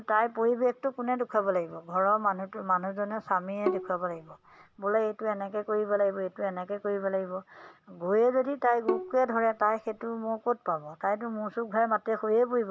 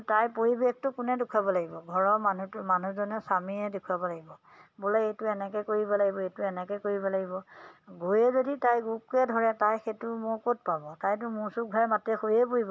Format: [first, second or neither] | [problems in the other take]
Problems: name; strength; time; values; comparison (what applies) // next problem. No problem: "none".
second | background sound (Bowed string instrument); 7 dB below the speech